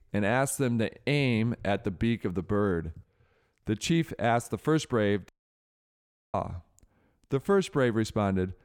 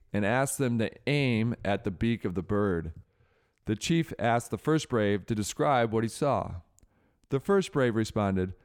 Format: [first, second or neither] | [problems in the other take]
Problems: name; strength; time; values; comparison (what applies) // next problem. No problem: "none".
second | audio cutting out; at 5.5 s for 1 s